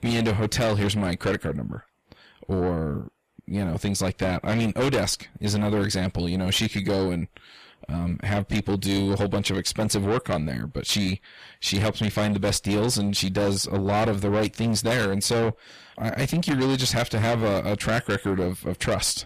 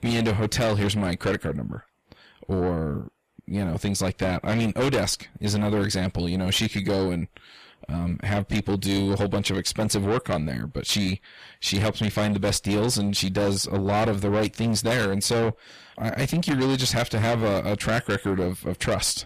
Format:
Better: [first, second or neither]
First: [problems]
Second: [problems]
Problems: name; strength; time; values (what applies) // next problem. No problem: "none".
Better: neither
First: distortion; heavy; 6 dB below the speech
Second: distortion; heavy; 6 dB below the speech